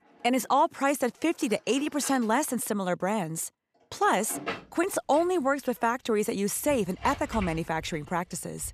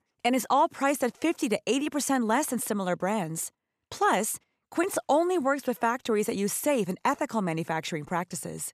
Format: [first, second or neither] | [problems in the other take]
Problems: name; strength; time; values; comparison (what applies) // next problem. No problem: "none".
second | household noises; noticeable; throughout; 15 dB below the speech